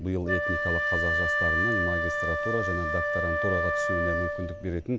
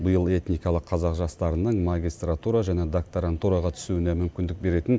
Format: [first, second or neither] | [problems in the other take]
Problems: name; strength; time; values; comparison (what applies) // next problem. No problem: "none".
second | background sound (Wind instrument, woodwind instrument); 3 dB above the speech